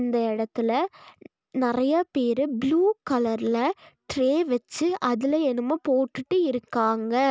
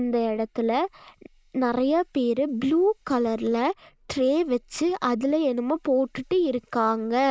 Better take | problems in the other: first | noise reduction (neural mask model Resemble Enhance denoiser)

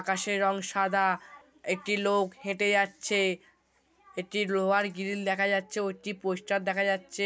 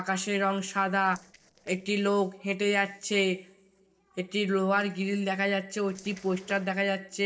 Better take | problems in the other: first | noise reduction (neural separator model SepFormer DNS4)

